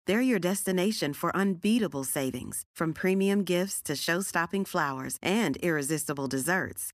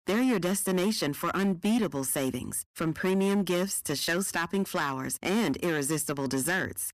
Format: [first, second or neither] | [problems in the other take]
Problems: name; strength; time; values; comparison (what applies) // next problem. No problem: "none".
first | distortion; slight; 11% of the sound clipped